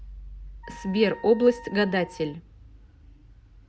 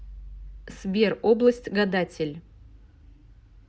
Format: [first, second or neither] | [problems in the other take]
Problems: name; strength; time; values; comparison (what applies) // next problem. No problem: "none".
second | background sound (Wind instrument, woodwind instrument); 18 dB below the speech